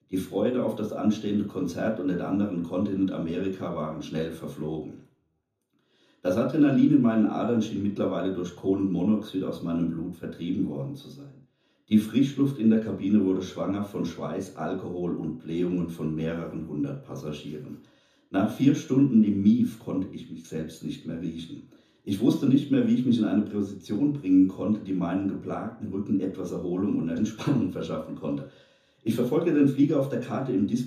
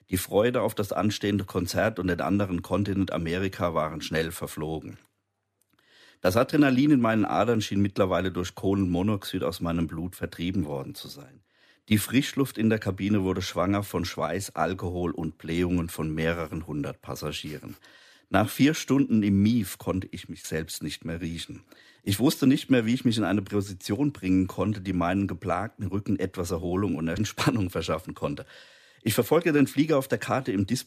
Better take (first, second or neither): second